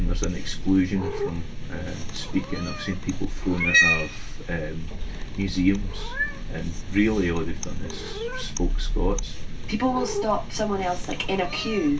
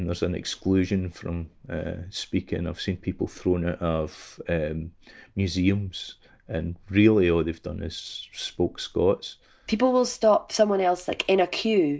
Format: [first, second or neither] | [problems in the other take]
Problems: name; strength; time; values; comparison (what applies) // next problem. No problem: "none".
second | background sound (Cat); as loud as the speech // room echo; dies away in 0.2 s